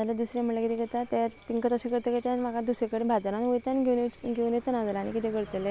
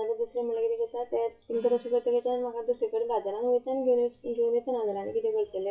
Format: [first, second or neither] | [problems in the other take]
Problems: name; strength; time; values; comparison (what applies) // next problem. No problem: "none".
first | noise reduction (classical method WPE with log-MMSE)